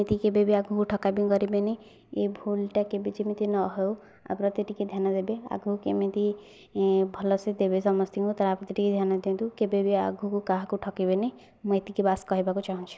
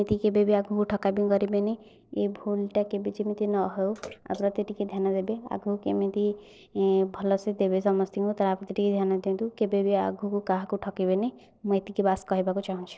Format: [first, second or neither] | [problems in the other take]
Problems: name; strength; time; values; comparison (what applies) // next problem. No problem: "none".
first | noise reduction (neural separator model SepFormer DNS4)